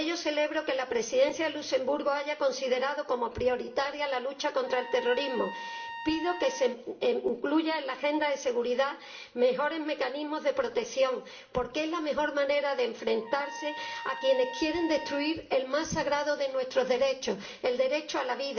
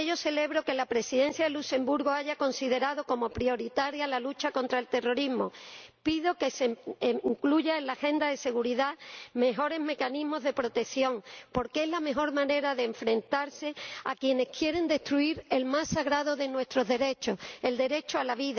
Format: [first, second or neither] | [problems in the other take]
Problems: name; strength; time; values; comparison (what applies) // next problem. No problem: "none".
second | background sound (Trumpet); 13 dB below the speech // room echo; dies away in 0.5 s